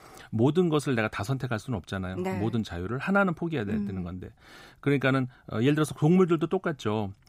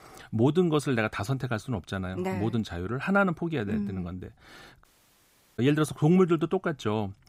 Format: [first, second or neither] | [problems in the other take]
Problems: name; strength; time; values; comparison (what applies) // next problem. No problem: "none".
first | audio cutting out; at 5 s for 0.5 s